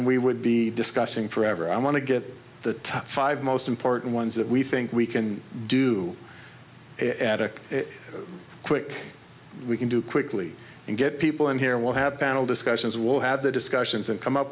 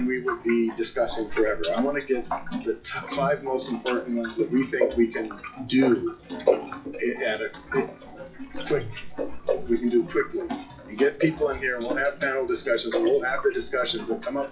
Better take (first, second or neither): first